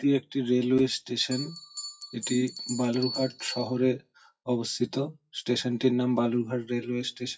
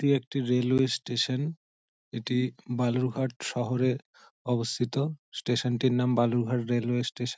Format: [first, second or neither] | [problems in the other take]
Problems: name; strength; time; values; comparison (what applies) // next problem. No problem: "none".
second | noise reduction (classical method WPE with log-MMSE)